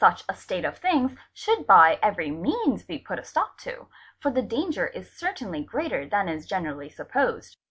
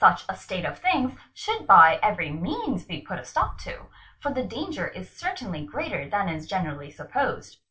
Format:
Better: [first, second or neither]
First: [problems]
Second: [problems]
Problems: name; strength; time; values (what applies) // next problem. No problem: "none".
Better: first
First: none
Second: background sound (Bass drum); 20 dB below the speech // room echo; dies away in 0.2 s